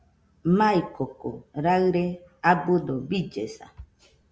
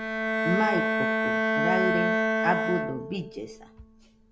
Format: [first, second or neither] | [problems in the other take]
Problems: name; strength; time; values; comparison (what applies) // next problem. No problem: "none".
first | background sound (Bowed string instrument); 4 dB above the speech